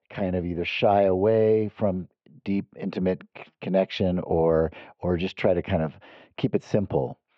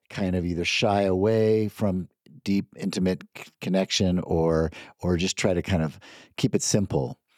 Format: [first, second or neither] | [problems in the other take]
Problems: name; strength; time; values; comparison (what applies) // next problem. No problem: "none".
second | muffled; very; fading above 3 kHz